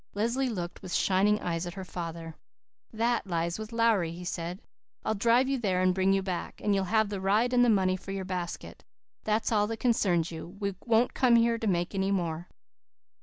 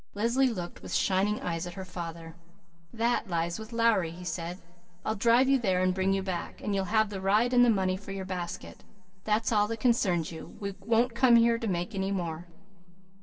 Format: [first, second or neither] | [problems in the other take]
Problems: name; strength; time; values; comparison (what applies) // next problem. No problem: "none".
first | background sound (Guitar); 19 dB below the speech // room echo; dies away in 1.8 s